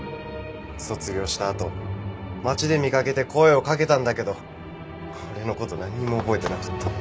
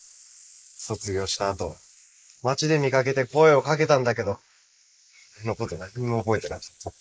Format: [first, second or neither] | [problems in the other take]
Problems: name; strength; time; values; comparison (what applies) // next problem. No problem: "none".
first | noise reduction (neural mask model Resemble Enhance denoiser)